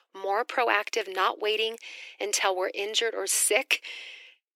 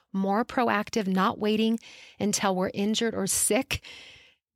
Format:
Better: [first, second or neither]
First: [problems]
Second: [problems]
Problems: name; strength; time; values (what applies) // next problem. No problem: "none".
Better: second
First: thin; very; fading below 300 Hz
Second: none